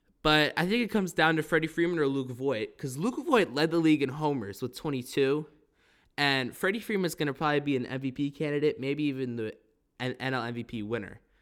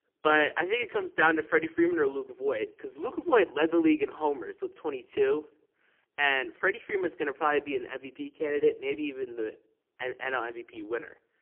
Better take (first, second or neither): first